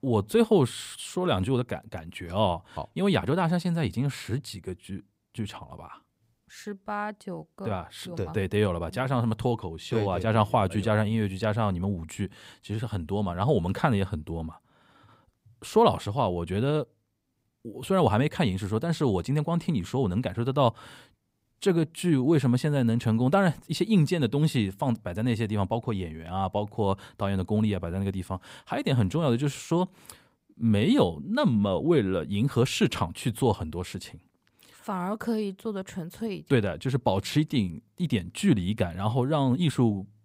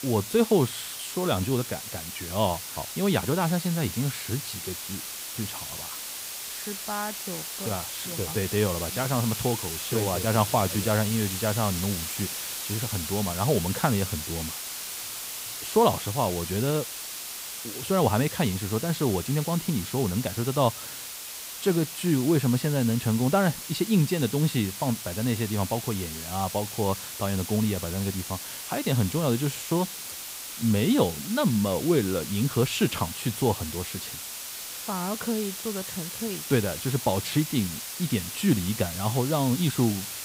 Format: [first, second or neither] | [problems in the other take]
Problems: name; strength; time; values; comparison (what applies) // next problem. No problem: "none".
first | hiss; loud; throughout; 6 dB below the speech